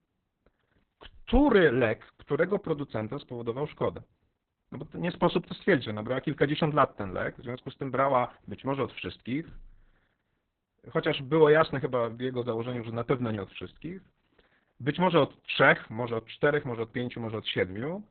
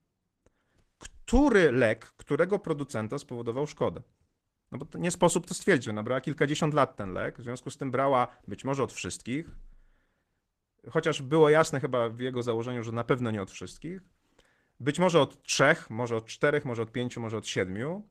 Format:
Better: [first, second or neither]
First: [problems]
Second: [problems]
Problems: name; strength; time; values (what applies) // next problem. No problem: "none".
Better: second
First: garbled, watery; badly; nothing above 4 kHz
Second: garbled, watery; slightly; nothing above 14.5 kHz